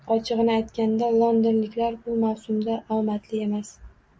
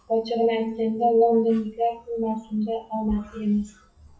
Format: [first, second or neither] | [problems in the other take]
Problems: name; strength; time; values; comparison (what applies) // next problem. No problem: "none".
first | noise reduction (classical method WPE with log-MMSE)